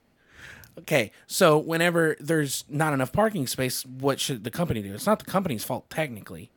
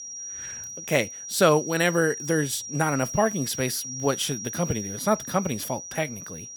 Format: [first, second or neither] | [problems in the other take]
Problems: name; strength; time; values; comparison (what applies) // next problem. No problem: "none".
first | high-pitched whine; loud; throughout; 5.5 kHz, 8 dB below the speech